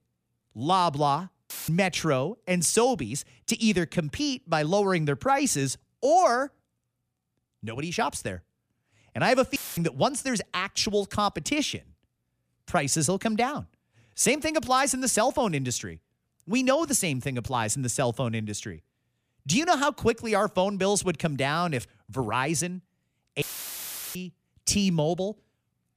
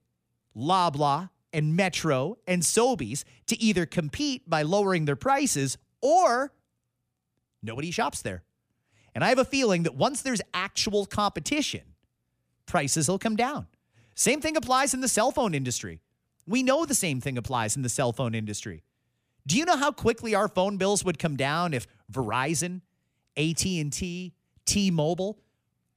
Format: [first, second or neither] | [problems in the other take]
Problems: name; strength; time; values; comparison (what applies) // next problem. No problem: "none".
second | audio cutting out; filled with static; at 1.5 s, at 9.5 s and at 23 s for 0.5 s